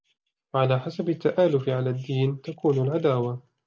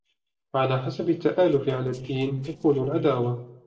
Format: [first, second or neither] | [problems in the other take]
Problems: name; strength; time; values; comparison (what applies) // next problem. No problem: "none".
first | noise reduction (neural separator model SepFormer DNS4)